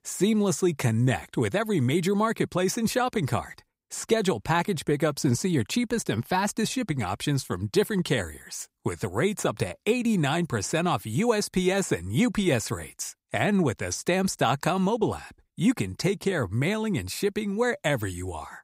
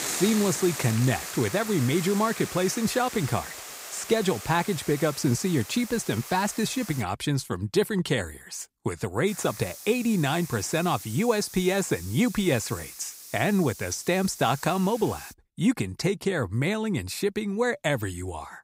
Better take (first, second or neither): first